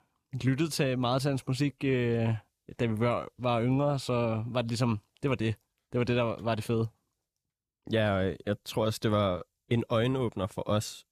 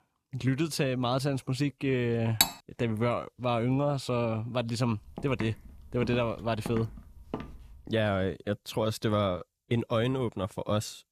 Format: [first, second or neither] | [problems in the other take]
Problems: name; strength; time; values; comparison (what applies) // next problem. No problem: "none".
first | clattering dishes; loud; at 2.5 s; peak 4 dB above the speech // footsteps; noticeable; from 5 to 8 s; peak 9 dB below the speech